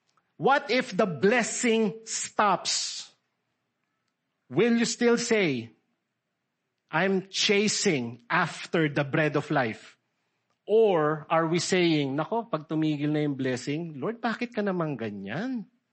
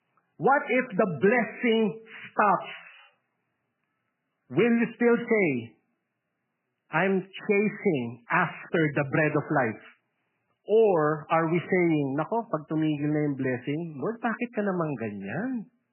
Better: first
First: garbled, watery; slightly; nothing above 8 kHz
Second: garbled, watery; badly; nothing above 3 kHz

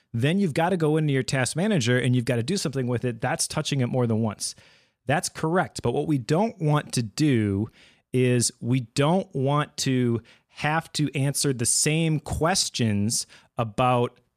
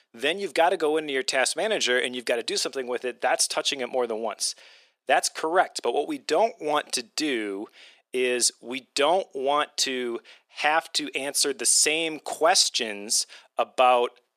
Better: first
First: none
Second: thin; very; fading below 350 Hz

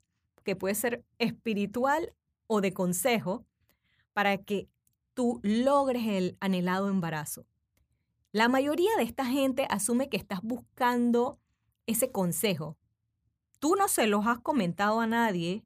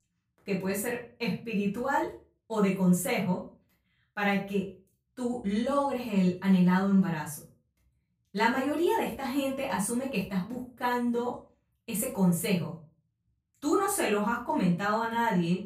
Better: first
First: none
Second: off-mic speech; far // room echo; slight; dies away in 0.3 s

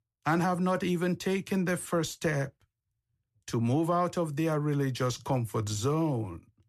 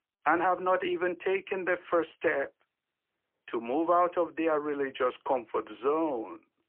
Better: first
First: none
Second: phone-call audio; poor line

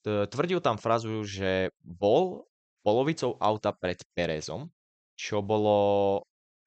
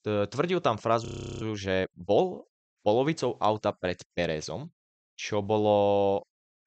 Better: first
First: none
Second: audio freezing; at 1 s

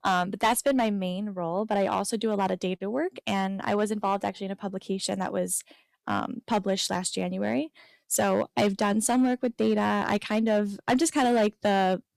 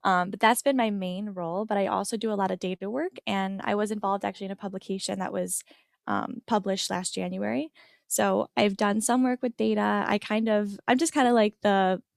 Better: second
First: distortion; slight; 4% of the sound clipped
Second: none

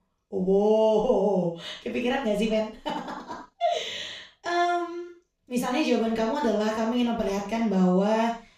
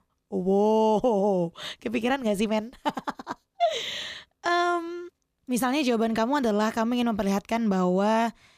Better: second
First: room echo; noticeable; dies away in 0.3 s // off-mic speech; far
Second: none

